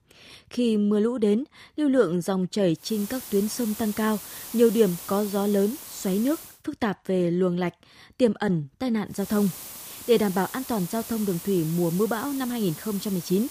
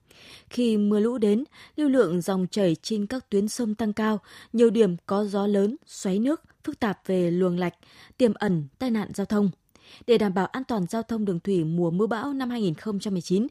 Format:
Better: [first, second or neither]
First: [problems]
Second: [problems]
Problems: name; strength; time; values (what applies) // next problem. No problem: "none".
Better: second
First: hiss; noticeable; from 3 to 6.5 s and from 9 s on; 10 dB below the speech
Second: none